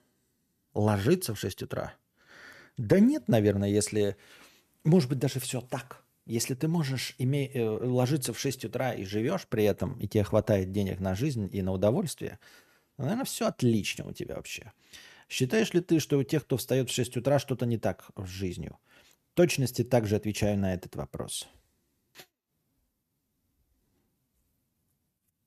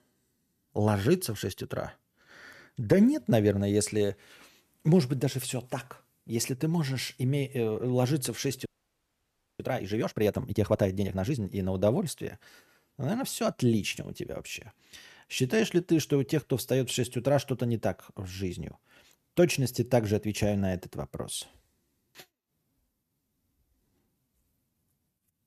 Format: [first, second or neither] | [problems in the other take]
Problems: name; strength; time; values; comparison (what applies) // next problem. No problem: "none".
first | audio freezing; at 8.5 s for 1 s